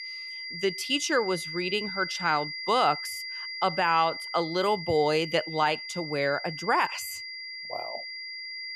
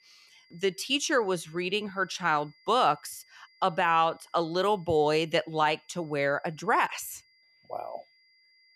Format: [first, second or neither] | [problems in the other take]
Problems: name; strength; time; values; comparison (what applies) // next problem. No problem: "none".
second | high-pitched whine; loud; throughout; 2 kHz, 8 dB below the speech; faint in the second